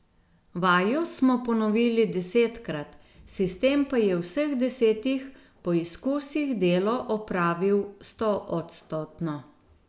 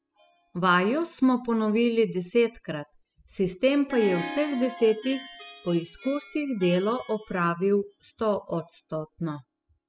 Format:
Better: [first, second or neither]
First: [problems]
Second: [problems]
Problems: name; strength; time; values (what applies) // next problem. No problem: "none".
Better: first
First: none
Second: noise reduction (classical method spectral subtraction)